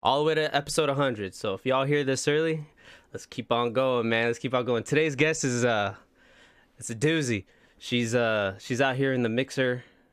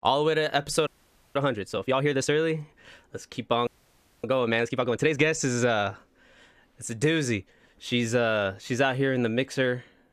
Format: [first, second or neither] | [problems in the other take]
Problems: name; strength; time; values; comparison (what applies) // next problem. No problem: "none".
first | audio freezing; at 1 s and at 3.5 s for 0.5 s